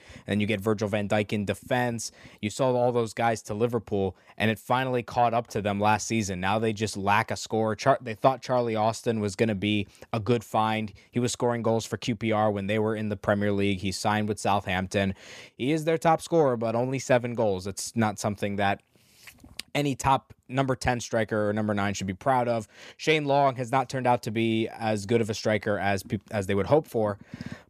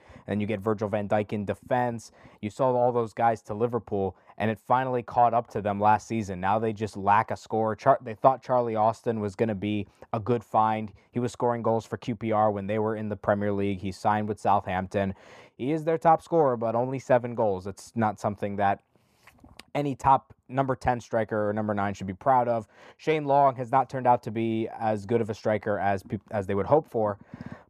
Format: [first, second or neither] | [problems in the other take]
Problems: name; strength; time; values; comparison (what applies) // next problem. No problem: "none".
first | muffled; slightly; fading above 2 kHz